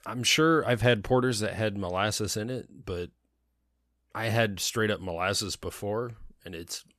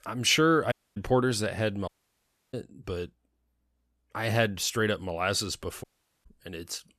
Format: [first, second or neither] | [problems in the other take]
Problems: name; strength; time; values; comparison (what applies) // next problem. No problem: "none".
first | audio cutting out; at 0.5 s, at 2 s for 0.5 s and at 6 s